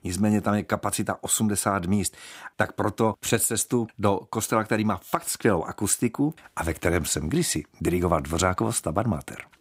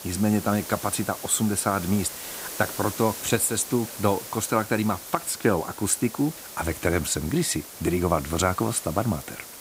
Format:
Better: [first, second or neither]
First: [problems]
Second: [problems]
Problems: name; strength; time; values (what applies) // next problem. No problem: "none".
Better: first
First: none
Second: hiss; noticeable; throughout; 10 dB below the speech